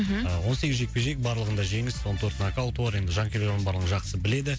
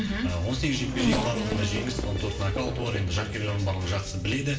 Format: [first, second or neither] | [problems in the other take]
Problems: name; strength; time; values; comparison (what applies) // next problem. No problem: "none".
first | background sound (Race car, auto racing / Accelerating, revving, vroom); 5 dB below the speech // room echo; dies away in 0.7 s